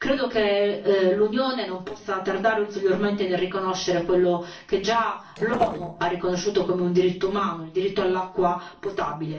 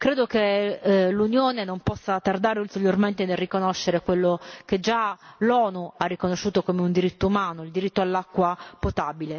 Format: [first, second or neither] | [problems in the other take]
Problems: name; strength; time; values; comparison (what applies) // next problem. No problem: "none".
second | noise reduction (neural separator model SepFormer DNS4)